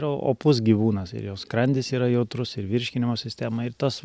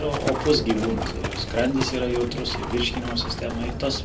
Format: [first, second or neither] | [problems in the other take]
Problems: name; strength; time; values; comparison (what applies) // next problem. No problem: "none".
first | background sound (Livestock, farm animals, working animals); 4 dB below the speech // room echo; dies away in 0.2 s